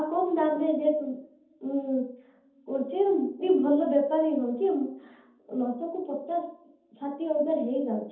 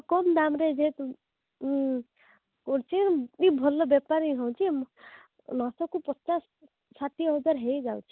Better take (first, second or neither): second